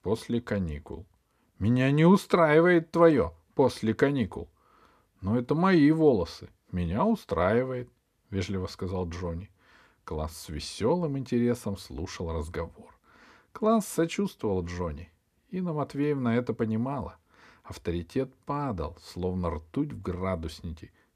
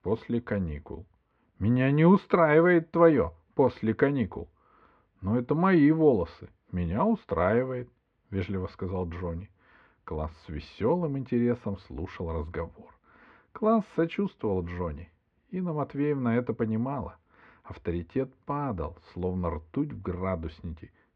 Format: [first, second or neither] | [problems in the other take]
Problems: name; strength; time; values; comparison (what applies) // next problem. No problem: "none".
first | muffled; very; fading above 2.5 kHz